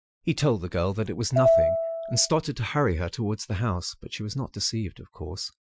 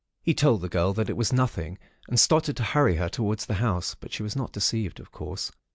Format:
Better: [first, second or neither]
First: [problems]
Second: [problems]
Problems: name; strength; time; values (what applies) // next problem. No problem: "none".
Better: second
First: noise reduction (classical method Wiener filter)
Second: none